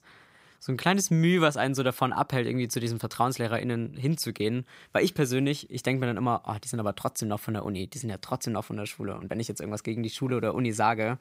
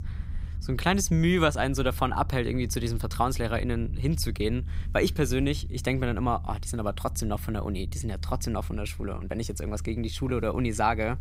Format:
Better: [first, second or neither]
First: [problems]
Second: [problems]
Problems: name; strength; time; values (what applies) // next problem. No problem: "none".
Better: first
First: none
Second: low rumble; faint; throughout; 25 dB below the speech